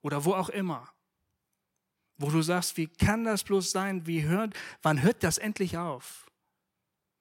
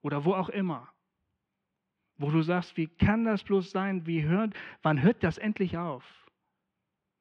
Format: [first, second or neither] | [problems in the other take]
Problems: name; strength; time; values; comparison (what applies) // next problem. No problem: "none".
first | muffled; very; fading above 3 kHz